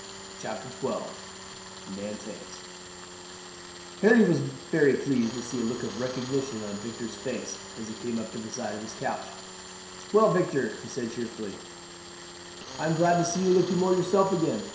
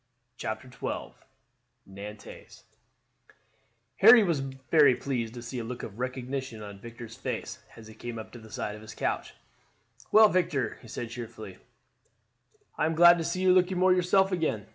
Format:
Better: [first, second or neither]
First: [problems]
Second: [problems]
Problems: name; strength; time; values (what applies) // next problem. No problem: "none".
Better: second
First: background sound (Tools); 13 dB below the speech // room echo; dies away in 0.7 s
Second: none